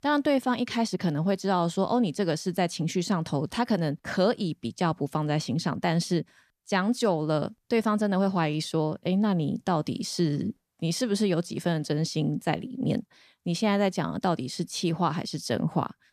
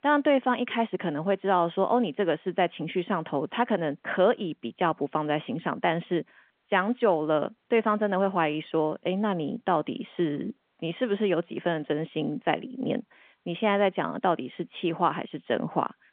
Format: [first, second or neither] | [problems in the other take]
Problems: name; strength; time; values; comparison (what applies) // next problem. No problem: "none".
first | phone-call audio; nothing above 3.5 kHz